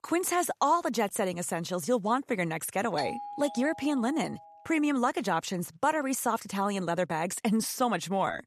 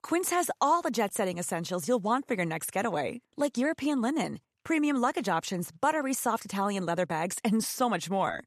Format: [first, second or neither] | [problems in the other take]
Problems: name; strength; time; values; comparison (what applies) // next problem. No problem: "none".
second | doorbell; noticeable; from 3 to 4.5 s; peak 8 dB below the speech